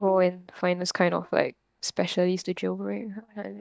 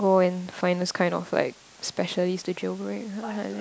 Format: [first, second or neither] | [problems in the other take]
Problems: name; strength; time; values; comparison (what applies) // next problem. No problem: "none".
second | noise reduction (neural mask model DeepFilterNet 3)